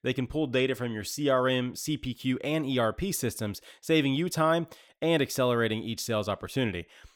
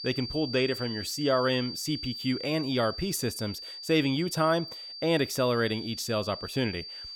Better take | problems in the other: first | high-pitched whine; loud; throughout; 4.5 kHz, 9 dB below the speech

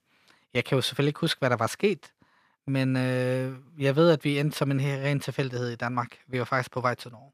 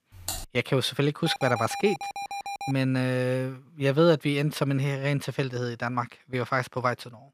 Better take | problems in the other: first | keyboard typing; noticeable; at the start; peak 7 dB below the speech // alarm; noticeable; from 1.5 to 2.5 s; peak 7 dB below the speech

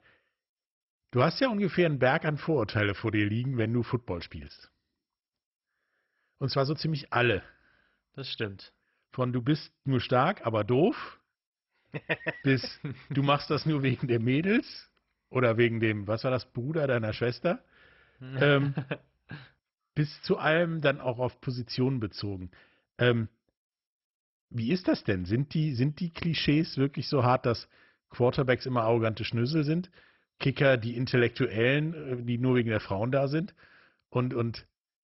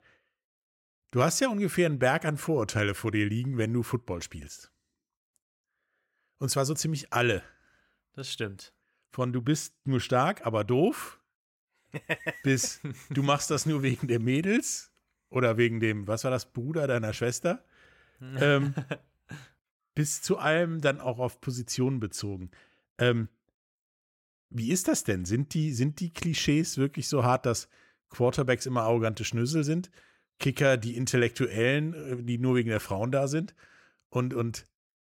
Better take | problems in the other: second | garbled, watery; badly; nothing above 5.5 kHz

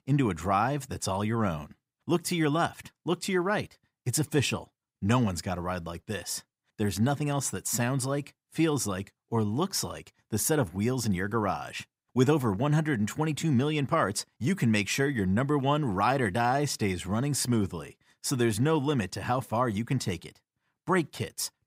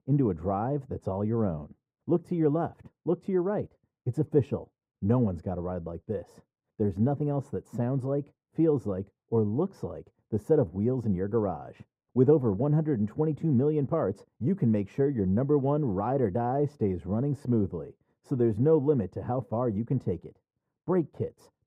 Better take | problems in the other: first | muffled; very; fading above 1.5 kHz

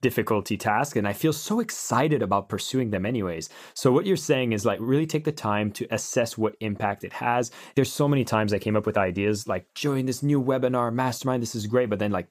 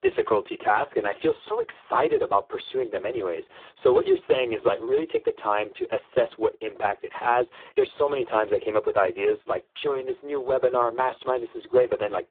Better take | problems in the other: first | phone-call audio; poor line

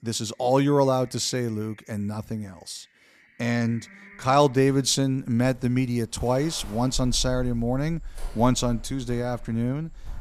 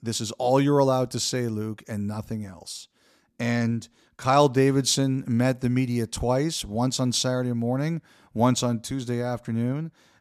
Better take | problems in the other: second | animal sounds; noticeable; throughout; 20 dB below the speech

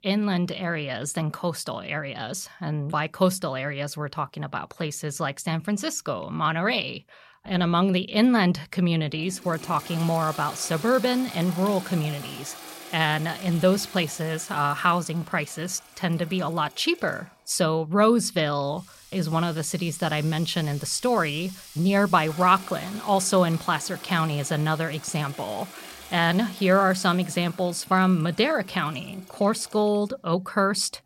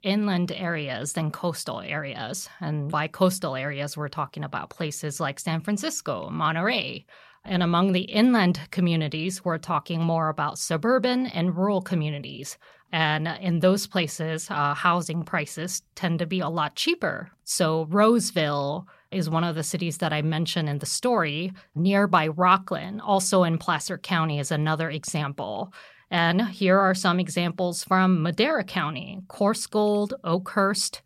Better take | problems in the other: second | household noises; noticeable; from 9.5 s on; 15 dB below the speech

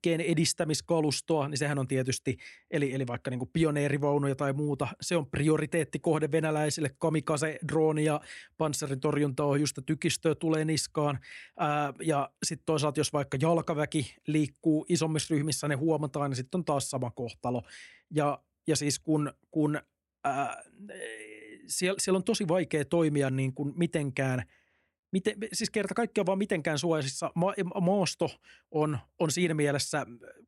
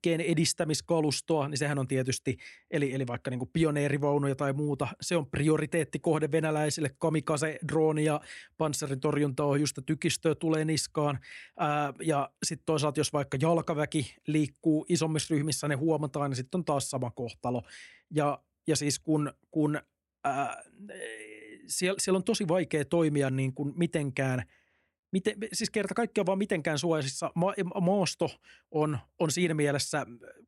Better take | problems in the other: neither | none

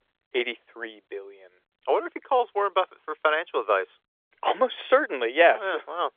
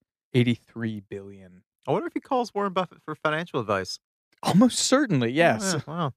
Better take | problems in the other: second | phone-call audio; nothing above 3.5 kHz

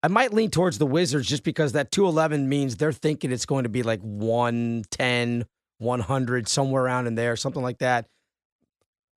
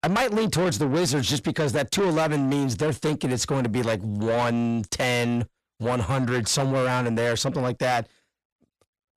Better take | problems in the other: first | distortion; heavy; 7 dB below the speech

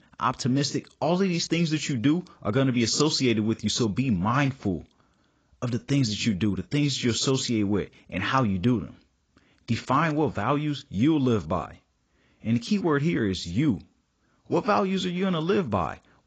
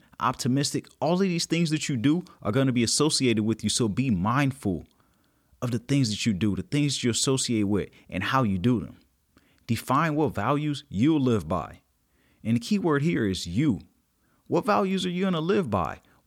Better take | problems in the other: second | garbled, watery; badly; nothing above 7.5 kHz

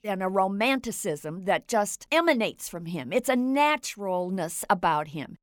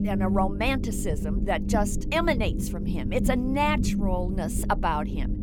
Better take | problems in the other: first | low rumble; loud; throughout; 10 dB below the speech

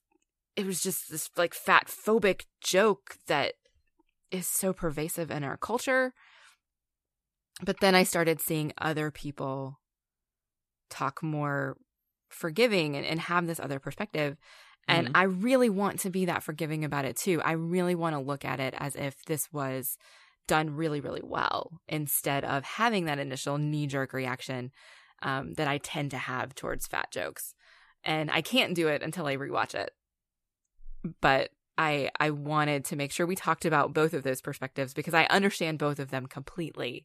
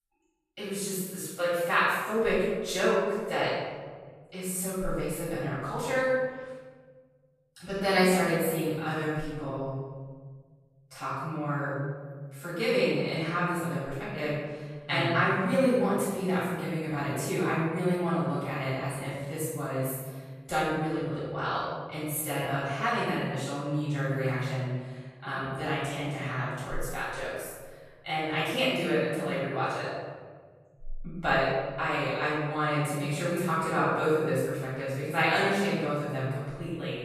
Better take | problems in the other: first | off-mic speech; far // room echo; strong; dies away in 1.5 s

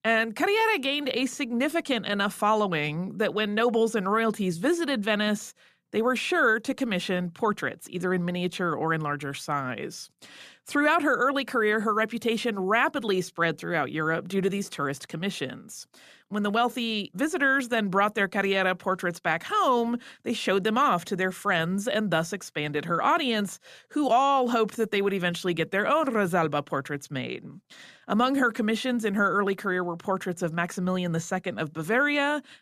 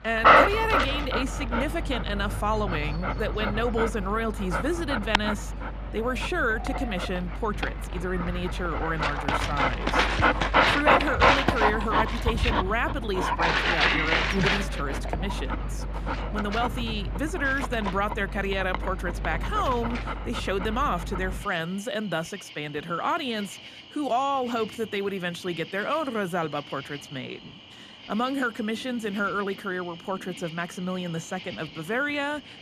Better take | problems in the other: first | animal sounds; very loud; throughout; 3 dB above the speech

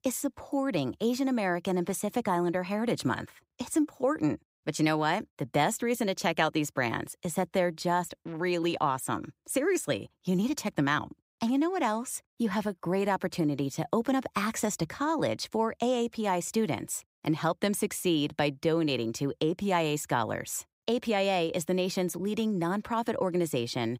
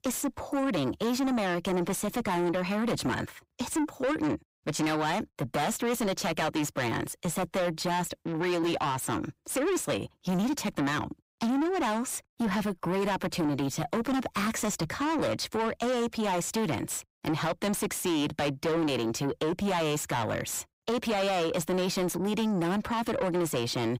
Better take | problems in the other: first | distortion; heavy; 7 dB below the speech

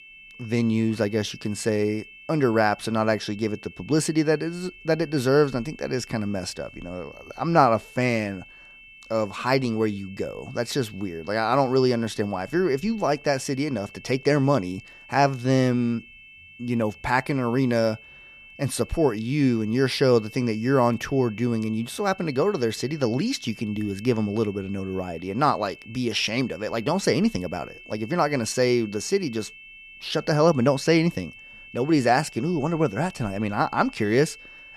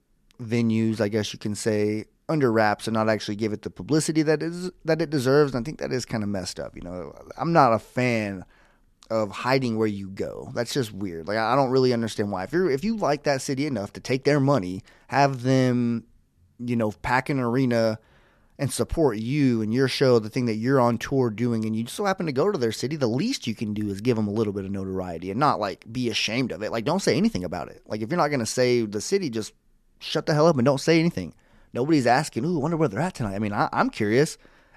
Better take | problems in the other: second | high-pitched whine; noticeable; throughout; 2.5 kHz, 20 dB below the speech

